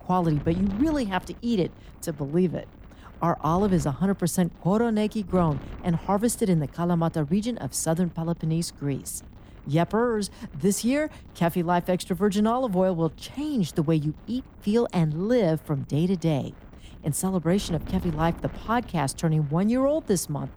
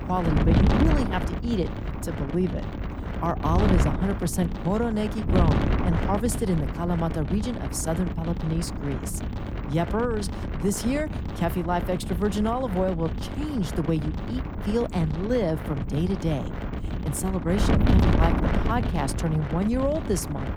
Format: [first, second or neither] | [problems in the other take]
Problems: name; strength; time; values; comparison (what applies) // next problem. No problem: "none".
first | wind noise on the microphone; heavy; 4 dB below the speech; occasional gusts in the first